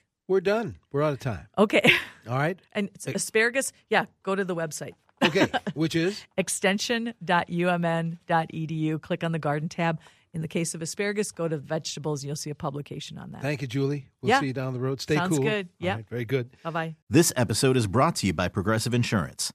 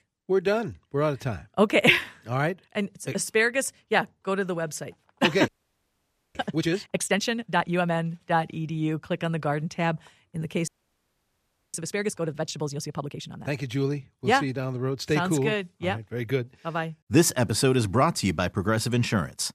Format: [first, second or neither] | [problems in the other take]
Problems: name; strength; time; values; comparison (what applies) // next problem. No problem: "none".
first | audio freezing; at 5.5 s for 1 s and at 11 s for 1 s